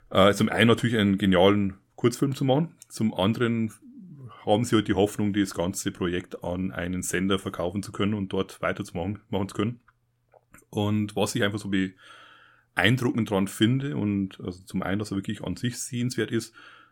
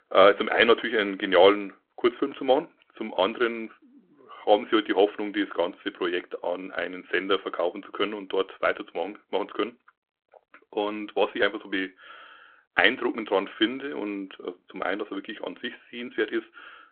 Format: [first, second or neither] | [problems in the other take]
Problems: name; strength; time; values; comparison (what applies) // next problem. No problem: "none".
first | phone-call audio